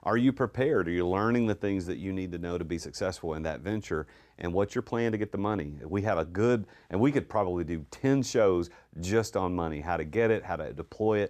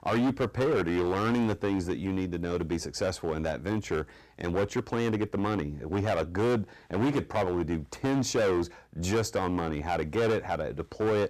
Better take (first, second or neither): first